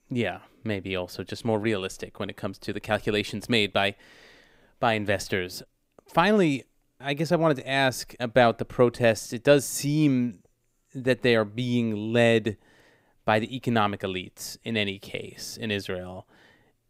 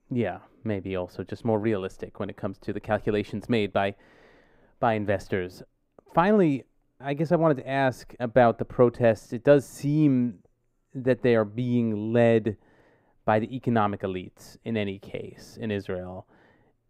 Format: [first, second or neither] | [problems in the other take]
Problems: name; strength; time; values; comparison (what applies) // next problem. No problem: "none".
first | muffled; slightly; fading above 2 kHz